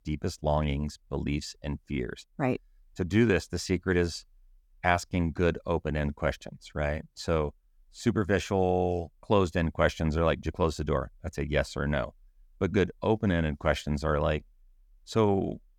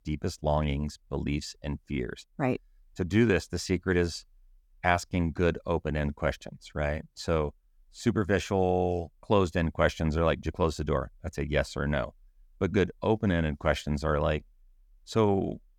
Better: neither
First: none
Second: none

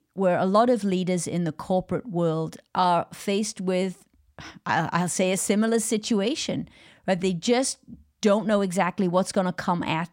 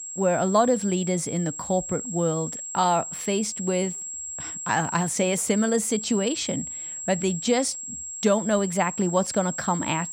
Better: first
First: none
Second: high-pitched whine; loud; throughout; 7.5 kHz, 7 dB below the speech

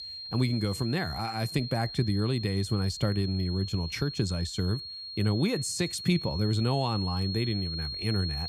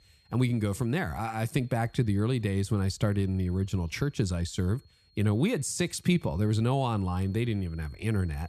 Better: second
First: high-pitched whine; loud; throughout; 4.5 kHz, 7 dB below the speech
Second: high-pitched whine; faint; throughout; 4.5 kHz, 35 dB below the speech

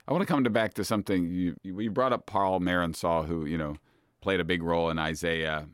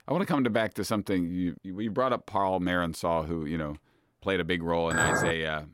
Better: first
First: none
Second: clattering dishes; loud; at 5 s; peak 3 dB above the speech

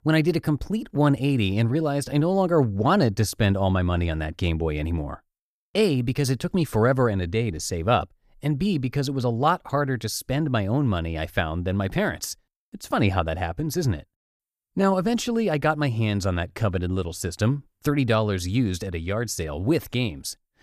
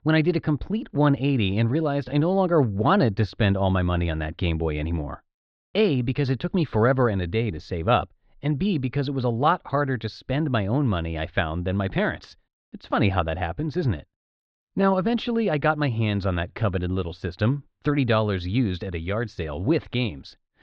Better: first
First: none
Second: muffled; slightly; fading above 4 kHz

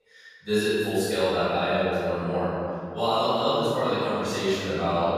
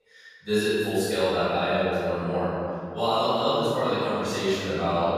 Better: neither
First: room echo; strong; dies away in 2.4 s // off-mic speech; far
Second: room echo; strong; dies away in 2.4 s // off-mic speech; far

